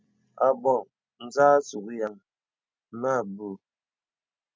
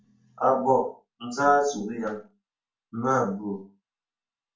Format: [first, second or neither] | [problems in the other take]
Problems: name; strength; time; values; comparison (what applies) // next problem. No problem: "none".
first | room echo; dies away in 0.3 s